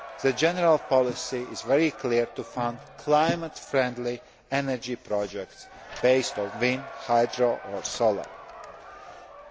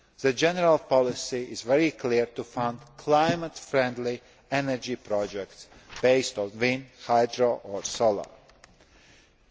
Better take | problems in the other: second | background sound (Crowd / Cheering); 17 dB below the speech

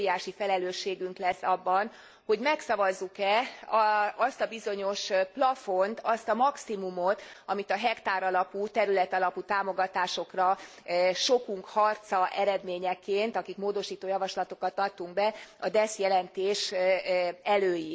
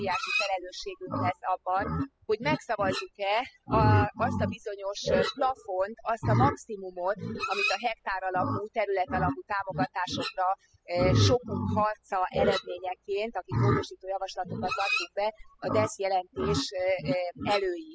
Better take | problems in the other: first | noise reduction (classical method spectral subtraction)

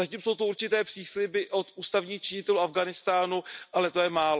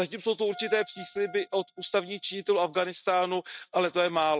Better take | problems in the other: first | noise reduction (neural mask model RNNoise)

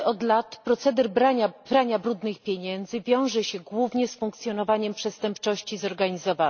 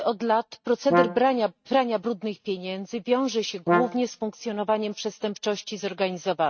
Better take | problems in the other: first | noise reduction (neural mask model RNNoise)

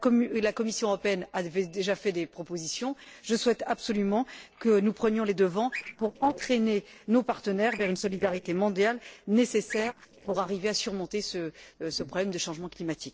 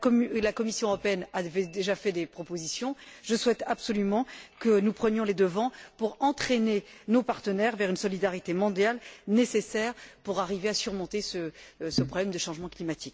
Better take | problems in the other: second | noise reduction (neural separator model SepFormer DNS4)

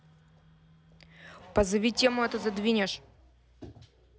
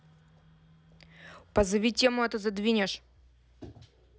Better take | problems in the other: second | background sound (Race car, auto racing / Accelerating, revving, vroom); 16 dB below the speech

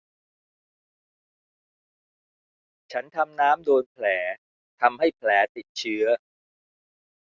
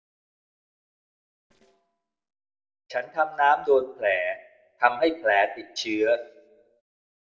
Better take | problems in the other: first | noise reduction (neural separator model SepFormer DNS4)

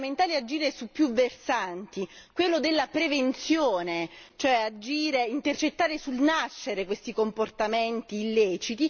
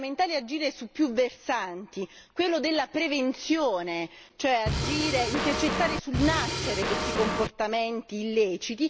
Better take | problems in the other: first | background sound (Drum kit); 1 dB below the speech

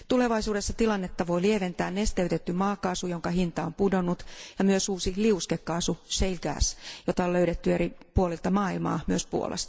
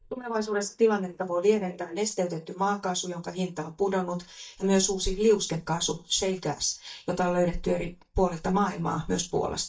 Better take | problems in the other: first | noise reduction (neural mask model DeepFilterNet 3)

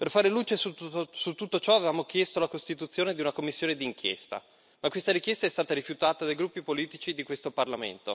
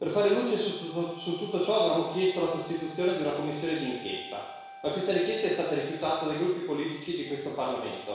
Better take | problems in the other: first | background sound (Wind instrument, woodwind instrument); 19 dB below the speech // room echo; dies away in 1.1 s

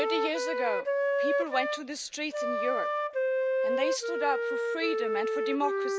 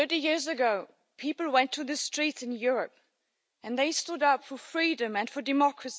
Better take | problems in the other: second | background sound (Wind instrument, woodwind instrument); 5 dB above the speech

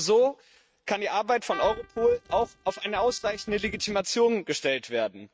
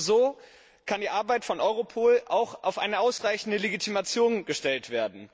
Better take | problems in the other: second | noise reduction (neural mask model RNNoise)

